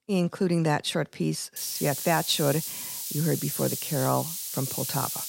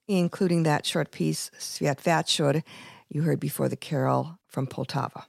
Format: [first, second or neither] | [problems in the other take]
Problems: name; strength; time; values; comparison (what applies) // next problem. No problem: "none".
second | hiss; loud; from 1.5 s on; 4 dB below the speech